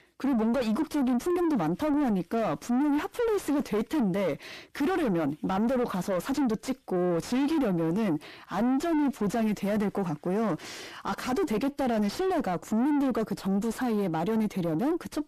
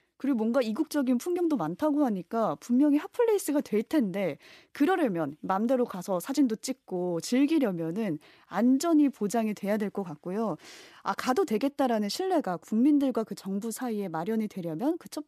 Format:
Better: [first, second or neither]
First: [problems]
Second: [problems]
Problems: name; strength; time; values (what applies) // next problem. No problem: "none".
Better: second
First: distortion; heavy; 6 dB below the speech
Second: none